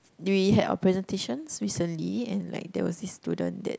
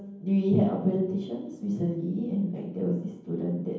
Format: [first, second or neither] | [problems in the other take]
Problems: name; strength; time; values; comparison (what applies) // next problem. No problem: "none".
first | room echo; dies away in 0.9 s